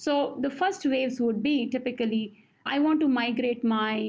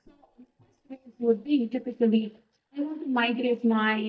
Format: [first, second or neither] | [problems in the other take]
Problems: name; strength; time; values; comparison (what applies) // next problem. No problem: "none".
first | noise reduction (neural mask model DeepFilterNet 3)